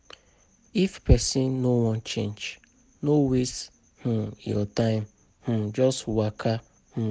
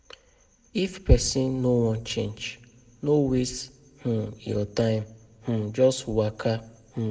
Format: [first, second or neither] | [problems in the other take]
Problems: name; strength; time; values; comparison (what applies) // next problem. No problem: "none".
first | room echo; dies away in 0.5 s